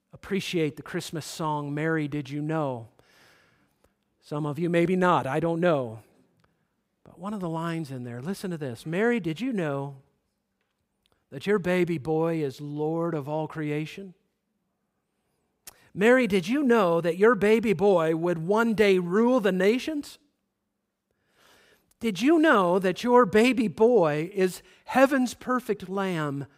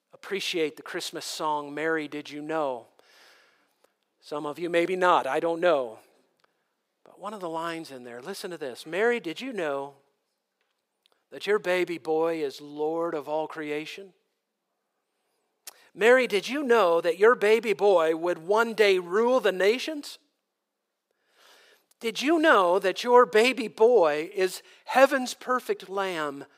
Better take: first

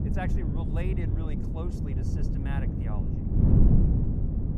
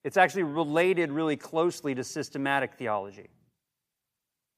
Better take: second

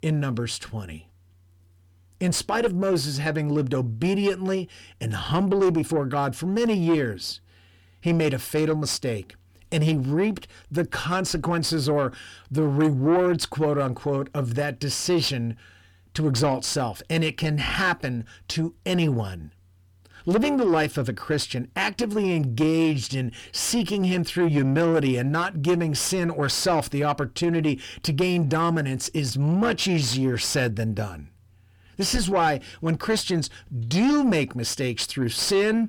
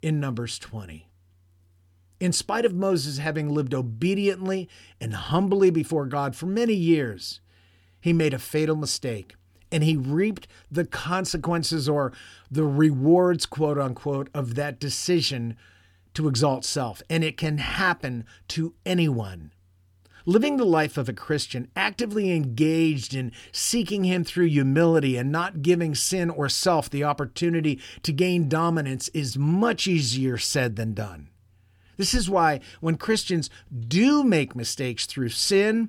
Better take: second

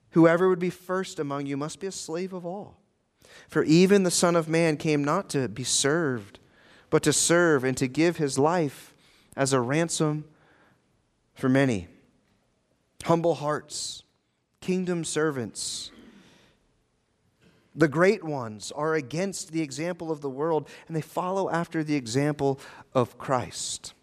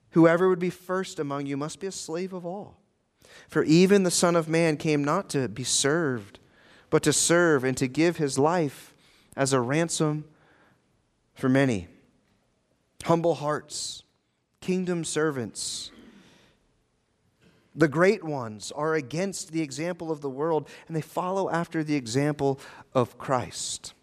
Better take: neither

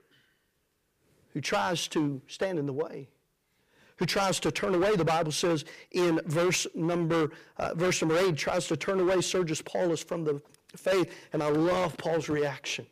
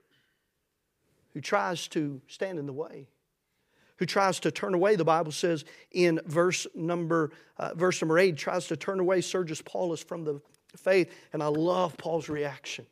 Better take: second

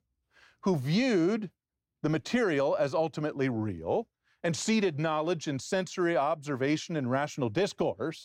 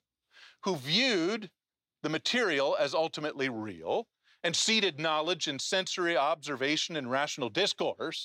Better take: first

